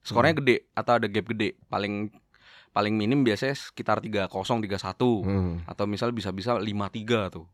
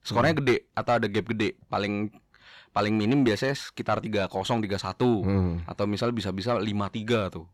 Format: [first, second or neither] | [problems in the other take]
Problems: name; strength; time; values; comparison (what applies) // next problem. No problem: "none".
first | distortion; slight; 10 dB below the speech